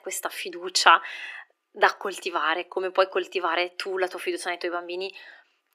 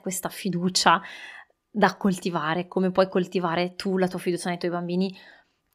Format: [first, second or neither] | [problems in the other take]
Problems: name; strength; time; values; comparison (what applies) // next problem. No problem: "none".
second | thin; very; fading below 300 Hz